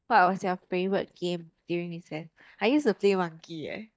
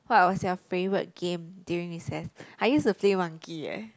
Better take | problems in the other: second | noise reduction (neural mask model DeepFilterNet 3)

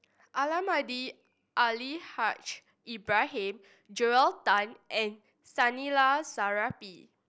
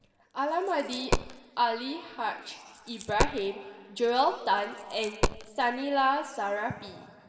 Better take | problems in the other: first | background sound (Coin (dropping)); 4 dB below the speech // room echo; dies away in 1.6 s

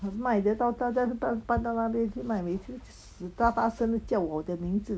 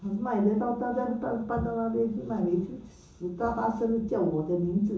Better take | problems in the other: first | room echo; dies away in 0.7 s

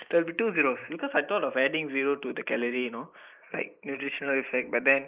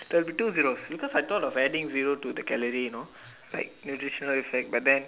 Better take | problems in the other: second | noise reduction (neural mask model Resemble Enhance denoiser)

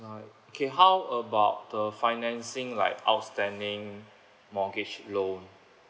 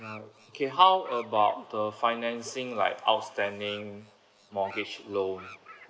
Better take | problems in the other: first | noise reduction (neural mask model Resemble Enhance denoiser)

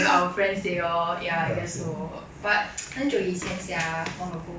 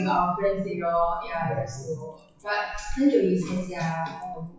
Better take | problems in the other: first | noise reduction (classical method WPE with log-MMSE)

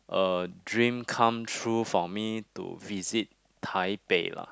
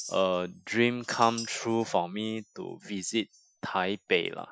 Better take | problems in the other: first | noise reduction (classical method Wiener filter)

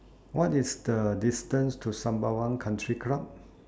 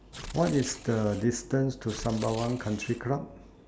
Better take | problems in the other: first | background sound (Tearing); 15 dB below the speech

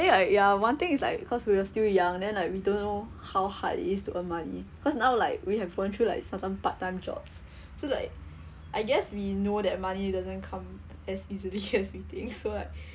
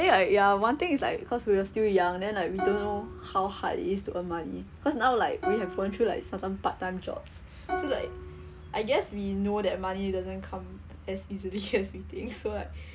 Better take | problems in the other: first | background sound (Plucked string instrument); 11 dB below the speech

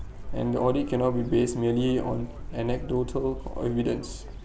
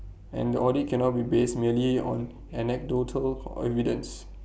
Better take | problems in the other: second | background sound (Chirp, tweet); 9 dB below the speech

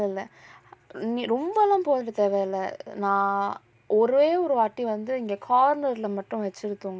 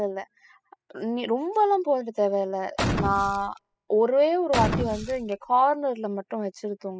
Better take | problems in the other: first | noise reduction (classical method spectral subtraction)

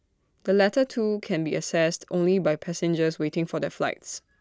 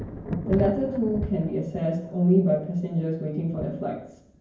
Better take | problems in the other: first | background sound (Thunder); 10 dB below the speech // room echo; dies away in 0.9 s

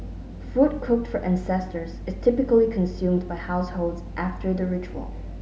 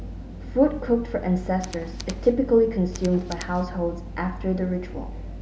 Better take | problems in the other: first | background sound (Tools); 17 dB below the speech

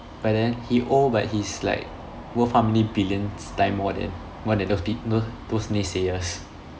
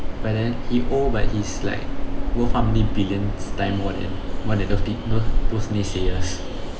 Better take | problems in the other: first | background sound (Train); 4 dB above the speech // room echo; dies away in 2.1 s

